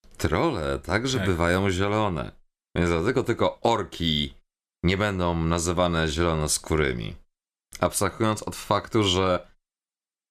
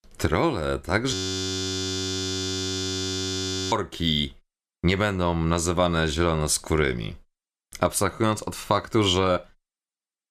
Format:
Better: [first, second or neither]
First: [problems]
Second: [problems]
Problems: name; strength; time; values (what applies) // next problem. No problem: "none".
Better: first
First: none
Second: audio freezing; at 1 s for 2.5 s